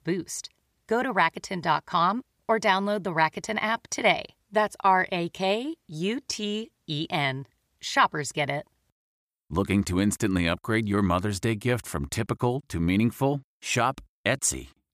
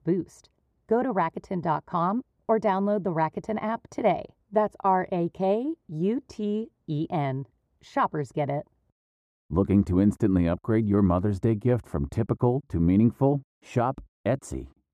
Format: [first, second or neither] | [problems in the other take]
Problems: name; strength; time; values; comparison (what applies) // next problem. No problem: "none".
first | muffled; very; fading above 1.5 kHz